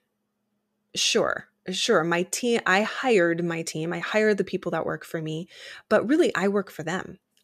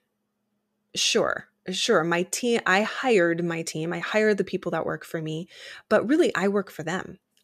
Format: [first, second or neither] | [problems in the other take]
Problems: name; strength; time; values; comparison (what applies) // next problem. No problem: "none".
neither | none